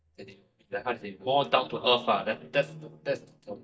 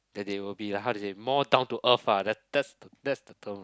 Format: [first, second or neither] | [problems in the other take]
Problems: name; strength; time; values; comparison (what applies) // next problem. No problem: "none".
second | noise reduction (neural mask model DeepFilterNet 3)